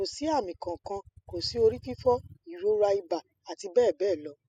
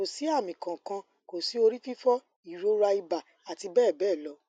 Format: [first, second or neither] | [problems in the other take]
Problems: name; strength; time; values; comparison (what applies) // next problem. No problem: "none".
second | noise reduction (classical method spectral subtraction)